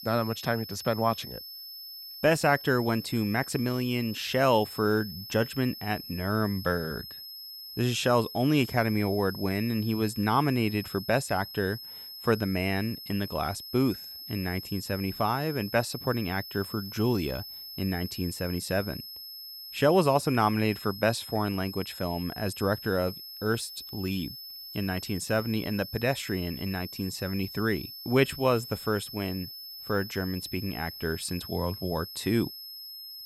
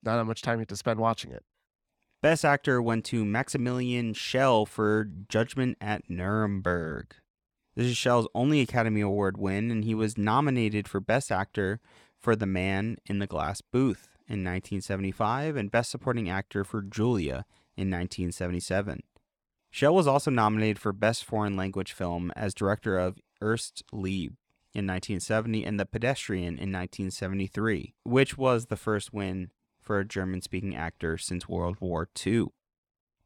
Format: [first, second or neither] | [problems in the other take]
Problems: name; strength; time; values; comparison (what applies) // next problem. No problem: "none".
second | high-pitched whine; noticeable; throughout; 5 kHz, 10 dB below the speech